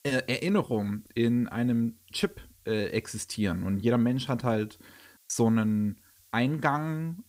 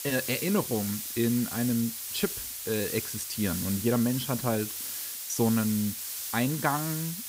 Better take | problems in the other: first | hiss; loud; throughout; 4 dB below the speech; faint in the first

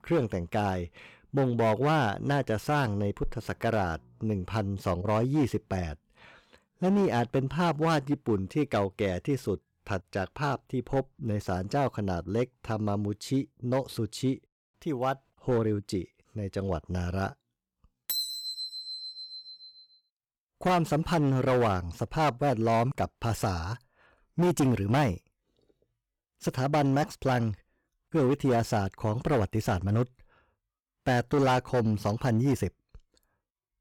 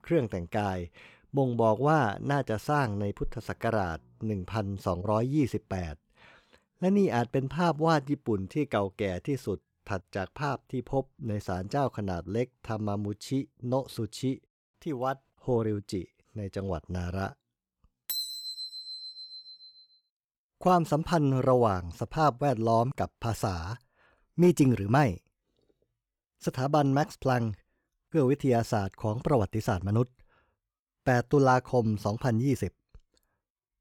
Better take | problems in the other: second | distortion; slight; 6% of the sound clipped

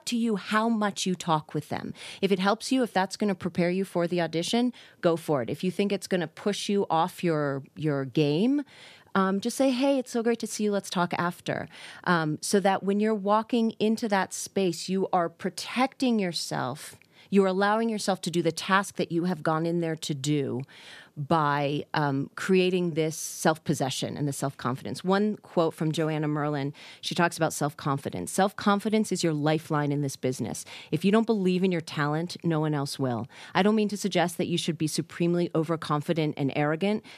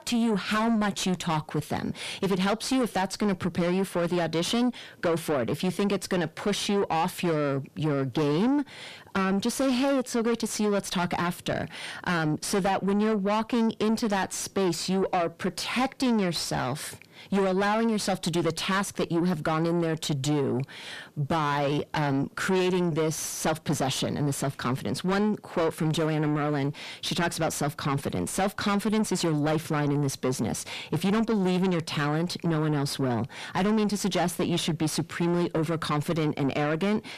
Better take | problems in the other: first | distortion; heavy; 7 dB below the speech

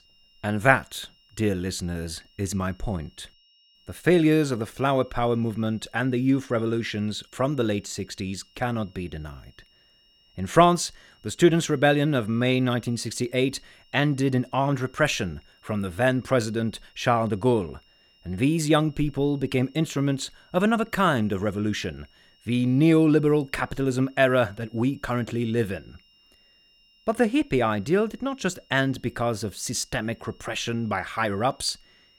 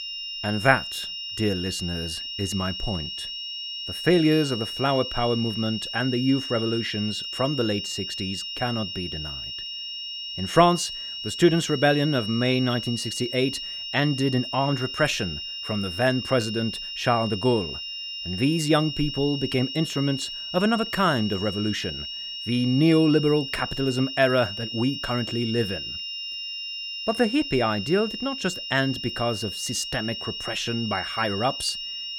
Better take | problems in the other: first | high-pitched whine; loud; throughout; 3 kHz, 6 dB below the speech; faint in the first

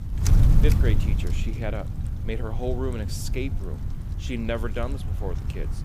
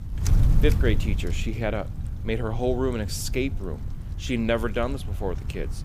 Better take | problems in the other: second | wind noise on the microphone; heavy; 6 dB below the speech; occasional gusts in the second

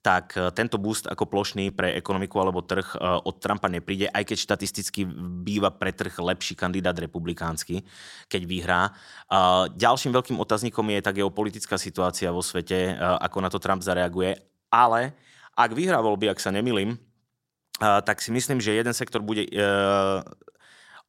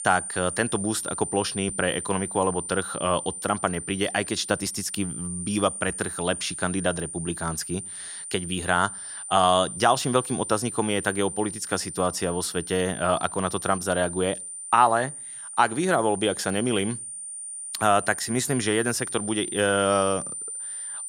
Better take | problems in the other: first | high-pitched whine; loud; throughout; 9 kHz, 7 dB below the speech

